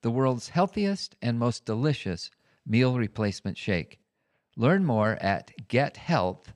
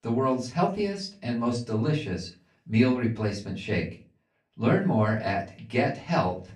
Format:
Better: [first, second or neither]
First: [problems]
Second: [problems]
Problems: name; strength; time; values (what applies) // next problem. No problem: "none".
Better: first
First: none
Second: off-mic speech; far // room echo; very slight; dies away in 0.3 s